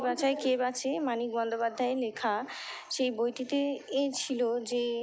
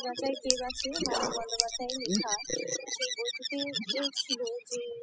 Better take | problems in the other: first | noise reduction (classical method spectral subtraction)

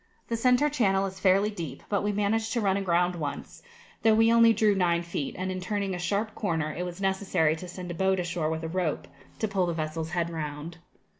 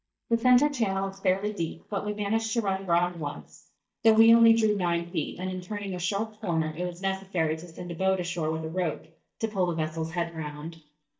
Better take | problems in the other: first | noise reduction (neural mask model DeepFilterNet 3)

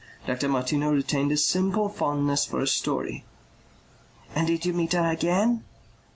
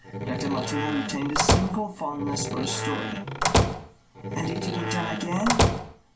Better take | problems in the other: first | background sound (Slam); 4 dB above the speech // room echo; dies away in 0.2 s

